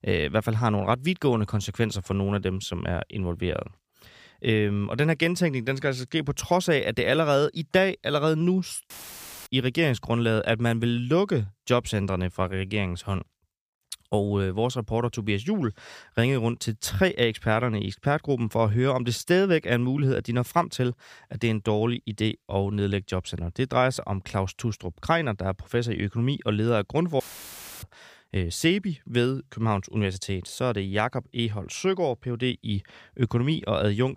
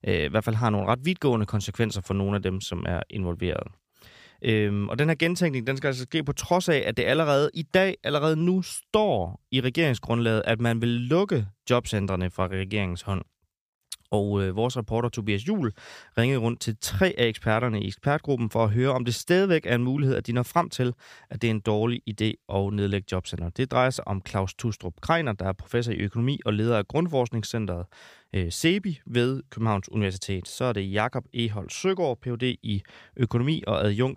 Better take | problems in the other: second | audio cutting out; filled with static; at 9 s for 0.5 s and at 27 s for 0.5 s

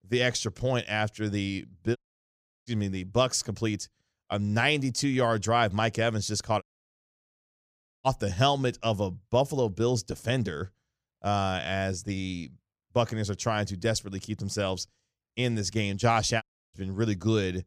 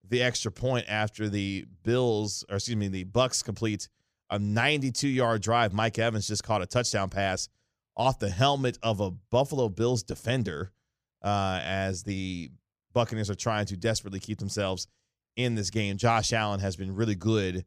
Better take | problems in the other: second | audio cutting out; at 2 s for 0.5 s, at 6.5 s for 1.5 s and at 16 s

